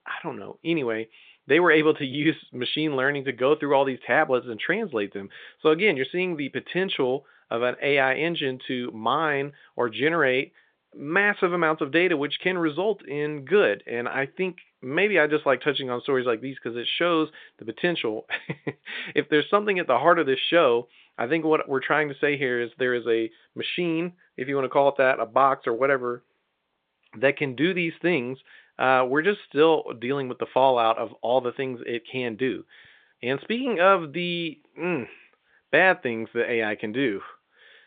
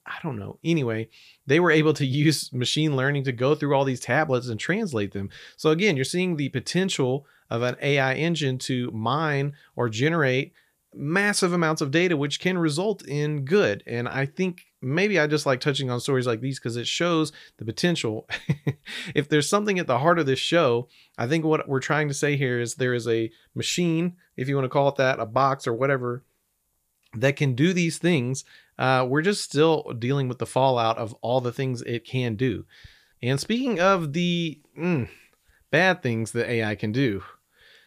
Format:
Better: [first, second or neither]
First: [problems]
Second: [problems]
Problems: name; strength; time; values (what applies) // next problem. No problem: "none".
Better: second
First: phone-call audio; nothing above 3.5 kHz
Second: none